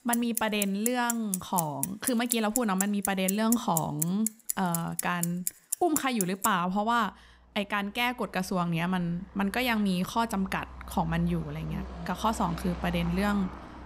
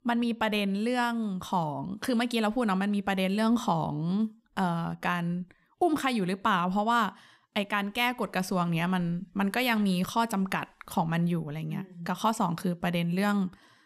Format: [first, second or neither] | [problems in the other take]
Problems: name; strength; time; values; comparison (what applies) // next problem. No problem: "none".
second | traffic noise; loud; throughout; 5 dB below the speech